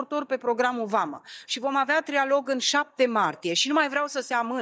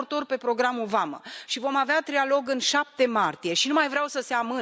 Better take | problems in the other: second | noise reduction (neural mask model DeepFilterNet 3)

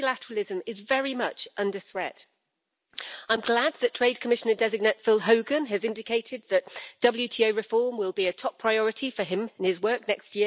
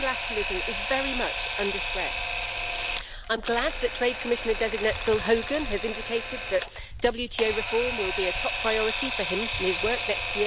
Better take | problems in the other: first | background sound (Camera); 3 dB below the speech

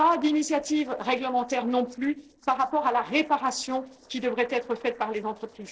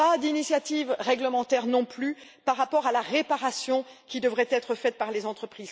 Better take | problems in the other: second | noise reduction (neural separator model SepFormer DNS4)

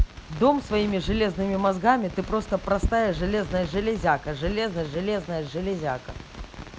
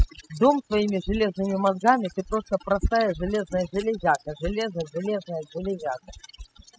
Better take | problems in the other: first | noise reduction (classical method spectral subtraction)

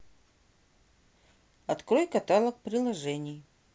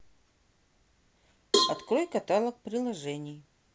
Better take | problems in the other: first | background sound (Cowbell); 1 dB above the speech

